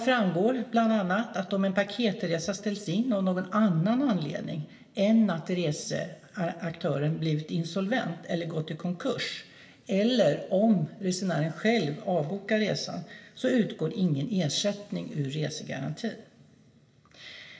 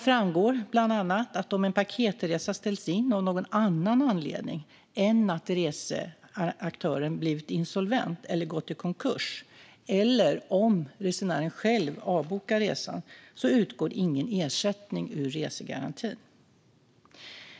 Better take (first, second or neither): second